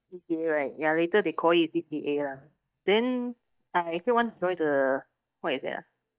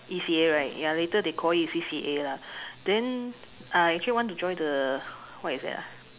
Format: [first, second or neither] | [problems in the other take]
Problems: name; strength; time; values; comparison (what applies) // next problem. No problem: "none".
second | noise reduction (neural mask model DeepFilterNet 3)